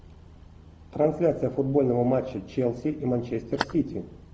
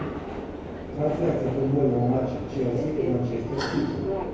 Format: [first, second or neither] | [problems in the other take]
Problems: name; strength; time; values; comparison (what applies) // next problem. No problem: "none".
first | background sound (Subway, metro, underground); 6 dB below the speech // room echo; dies away in 1 s